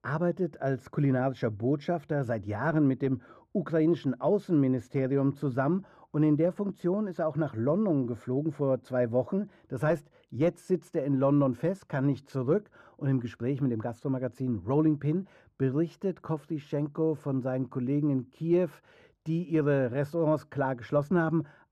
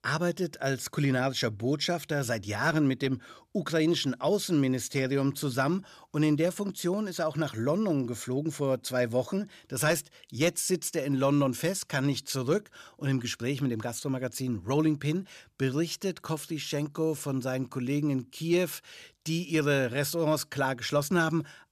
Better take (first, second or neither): second